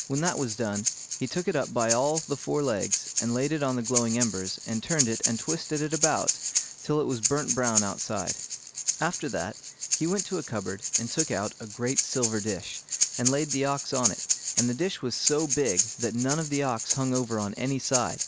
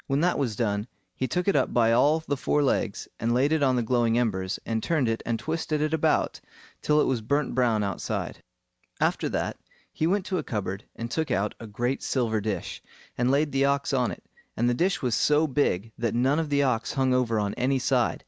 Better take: second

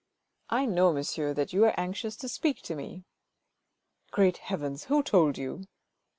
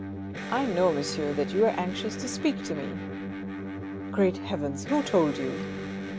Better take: first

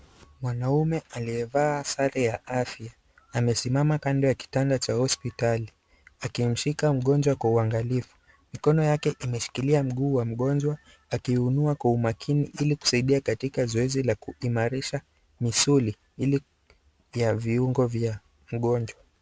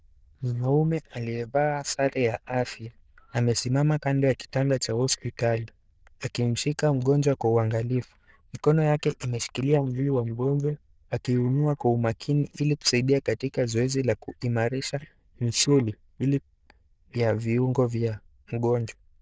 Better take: first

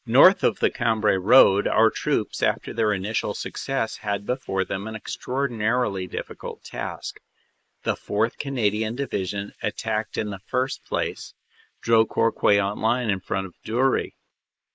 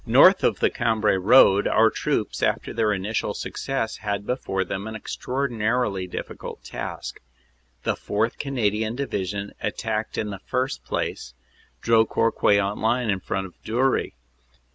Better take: second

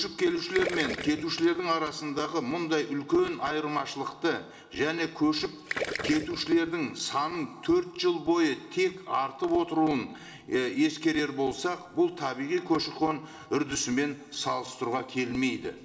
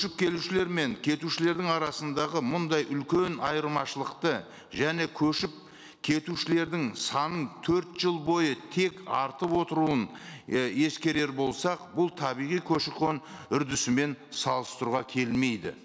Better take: second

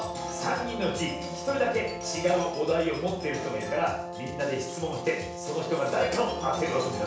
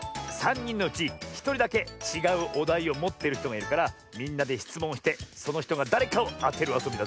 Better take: second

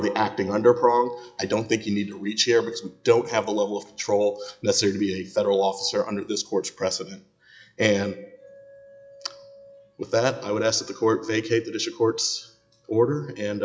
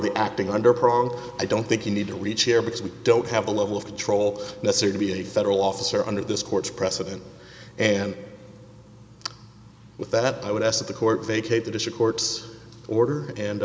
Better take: second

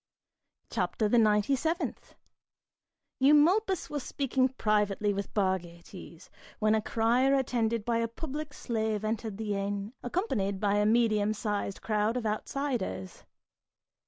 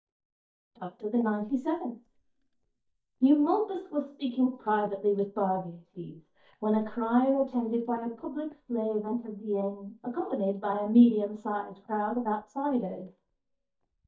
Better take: first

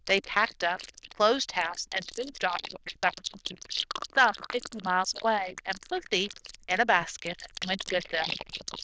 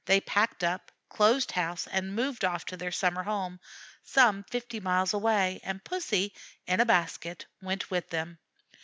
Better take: second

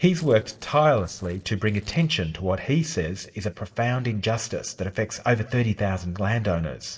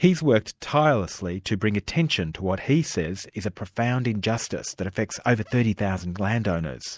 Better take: second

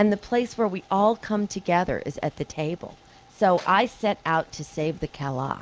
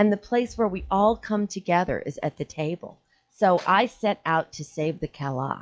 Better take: first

